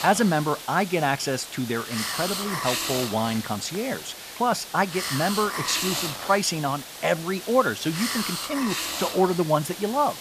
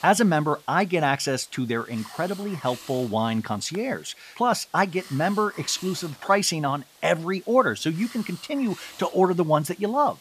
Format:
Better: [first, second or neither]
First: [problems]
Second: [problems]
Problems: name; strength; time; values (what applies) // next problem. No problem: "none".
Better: second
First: hiss; loud; throughout; 5 dB below the speech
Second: hiss; faint; throughout; 20 dB below the speech